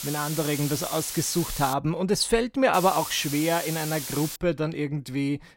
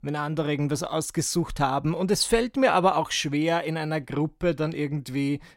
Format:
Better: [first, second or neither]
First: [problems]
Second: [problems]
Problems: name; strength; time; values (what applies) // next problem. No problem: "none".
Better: second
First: hiss; loud; until 1.5 s and from 2.5 to 4.5 s; 7 dB below the speech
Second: none